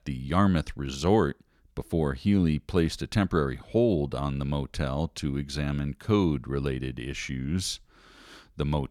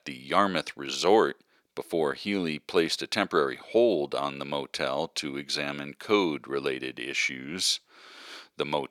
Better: first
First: none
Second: thin; somewhat; fading below 450 Hz

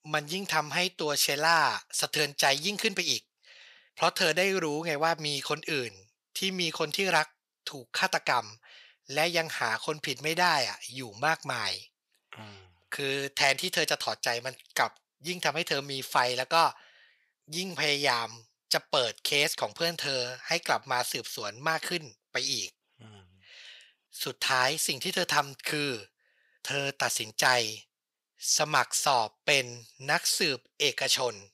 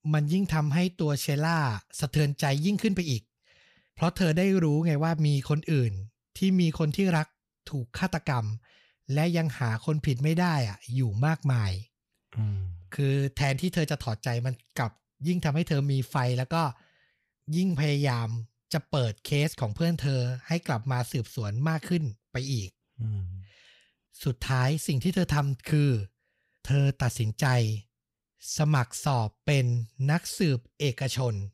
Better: second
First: thin; very; fading below 600 Hz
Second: none

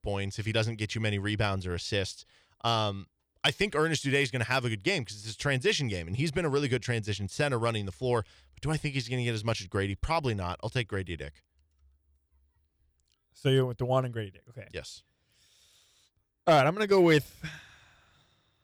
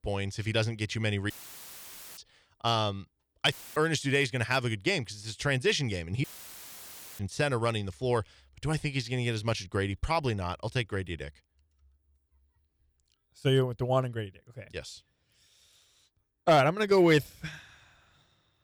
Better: first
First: none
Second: audio cutting out; filled with static; at 1.5 s for 1 s, at 3.5 s and at 6 s for 1 s

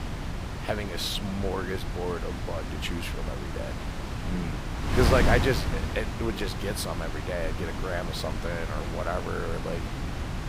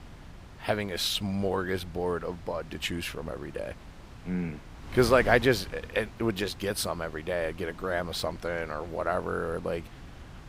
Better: second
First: wind noise on the microphone; heavy; 4 dB below the speech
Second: wind noise on the microphone; occasional gusts; 20 dB below the speech

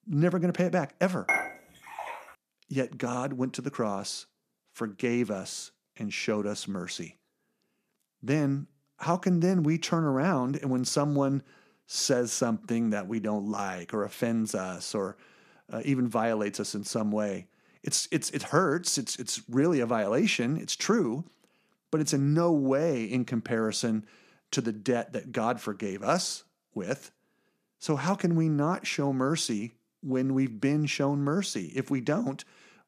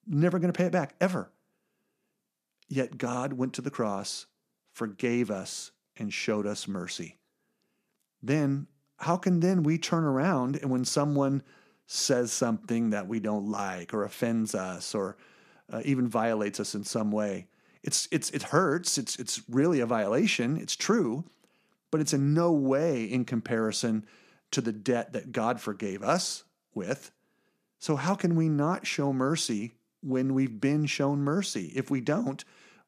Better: second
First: clattering dishes; loud; at 1.5 s; peak 1 dB above the speech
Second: none

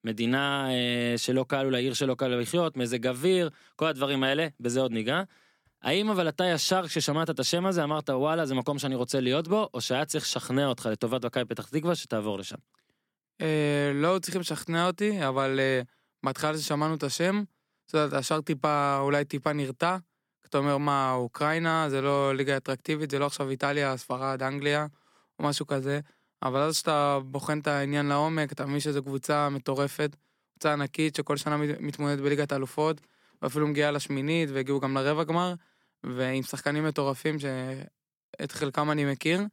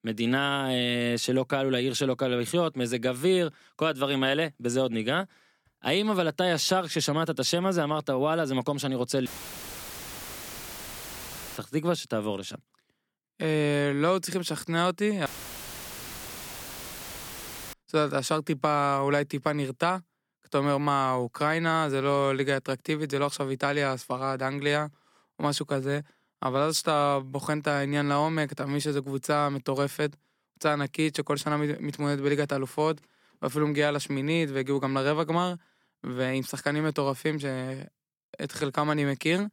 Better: first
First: none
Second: audio cutting out; filled with static; at 9.5 s for 2.5 s and at 15 s for 2.5 s

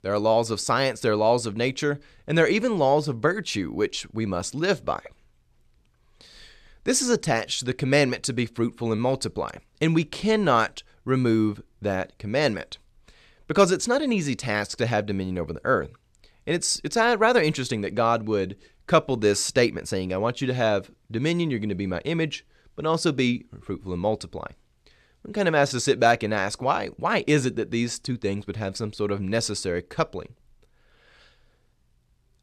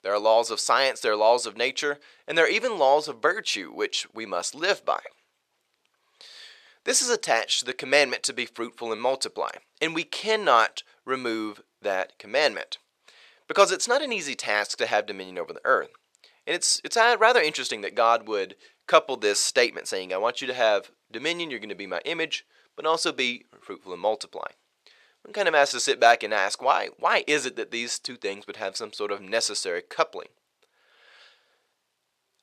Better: first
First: none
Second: thin; very; fading below 600 Hz

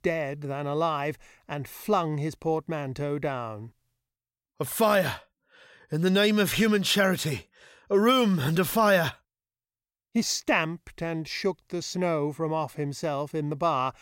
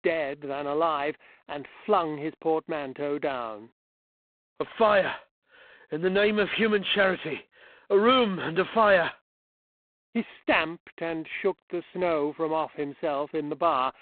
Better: first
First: none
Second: phone-call audio; poor line

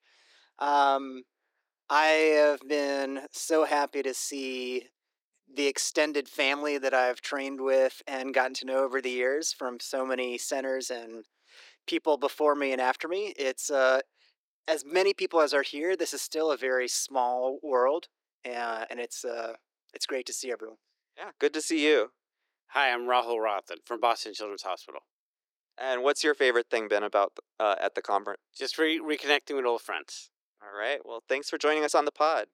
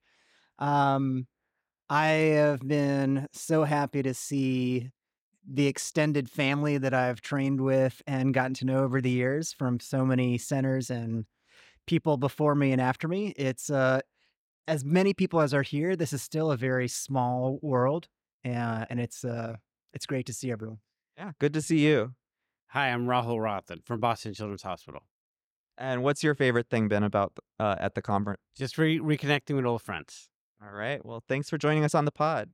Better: second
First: thin; very; fading below 350 Hz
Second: none

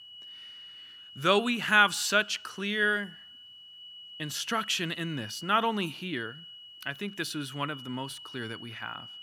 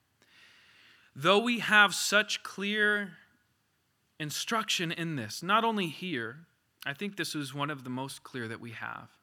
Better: second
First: high-pitched whine; noticeable; throughout; 3 kHz, 15 dB below the speech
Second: none

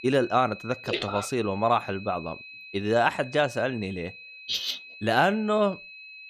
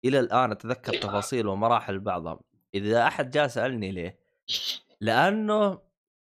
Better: second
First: high-pitched whine; noticeable; throughout; 2.5 kHz, 15 dB below the speech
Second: none

